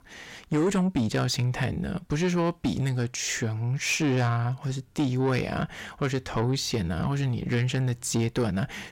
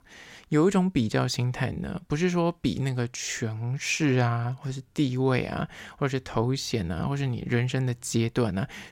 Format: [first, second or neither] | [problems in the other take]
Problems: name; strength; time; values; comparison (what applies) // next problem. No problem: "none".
second | distortion; slight; 10 dB below the speech